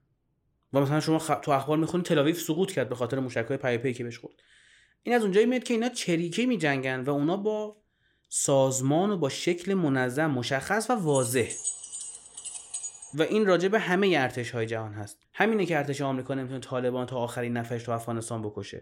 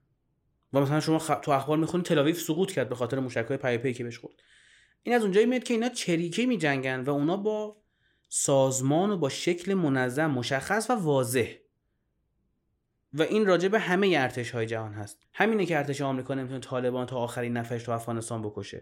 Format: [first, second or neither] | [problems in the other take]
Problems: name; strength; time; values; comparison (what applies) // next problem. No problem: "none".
second | jangling keys; noticeable; from 11 to 13 s; peak 5 dB below the speech